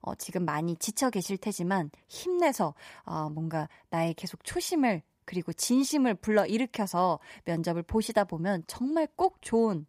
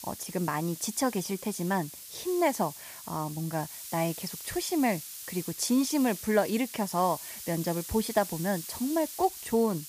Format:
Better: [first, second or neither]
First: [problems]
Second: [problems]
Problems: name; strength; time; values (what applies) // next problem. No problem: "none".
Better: first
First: none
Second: hiss; loud; throughout; 10 dB below the speech